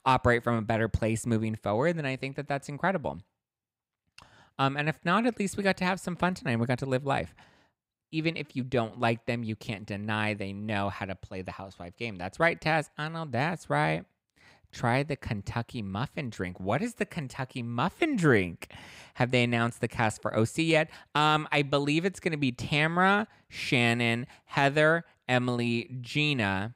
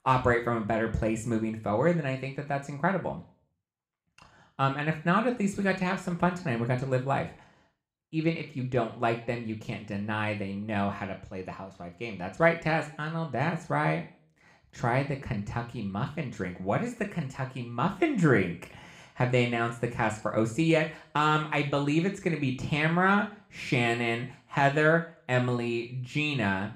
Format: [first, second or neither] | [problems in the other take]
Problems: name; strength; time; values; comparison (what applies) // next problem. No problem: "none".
first | room echo; very slight; dies away in 0.4 s